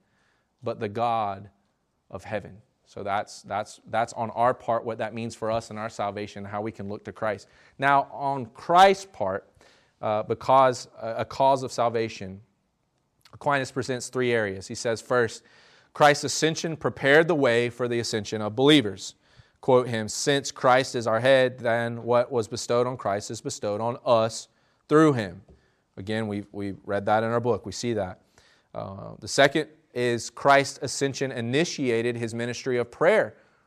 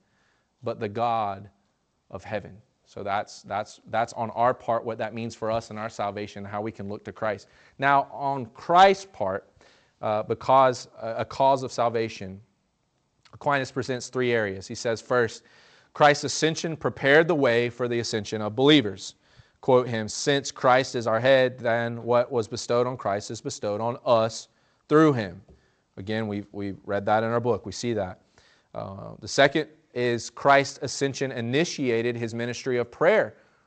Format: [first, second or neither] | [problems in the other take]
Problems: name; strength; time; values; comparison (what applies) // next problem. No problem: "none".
first | garbled, watery; slightly; nothing above 8 kHz